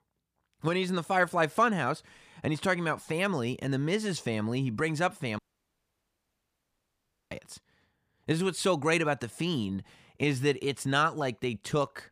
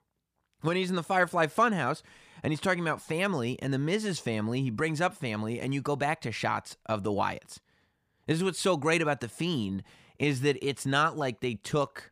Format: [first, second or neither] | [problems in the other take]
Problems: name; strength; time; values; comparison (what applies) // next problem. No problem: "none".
second | audio cutting out; at 5.5 s for 2 s